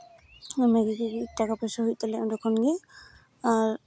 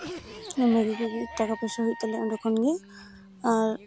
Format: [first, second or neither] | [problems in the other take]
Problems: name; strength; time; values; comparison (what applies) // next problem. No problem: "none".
first | background sound (Wind instrument, woodwind instrument + Cough); 15 dB below the speech